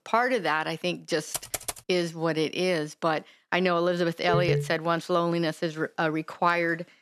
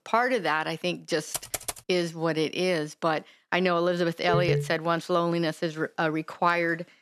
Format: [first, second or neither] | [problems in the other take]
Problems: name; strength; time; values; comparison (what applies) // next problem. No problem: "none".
neither | keyboard typing; noticeable; at 1.5 s; peak 5 dB below the speech; the same in both // phone ringing; noticeable; at 4.5 s; peak level with the speech; the same in both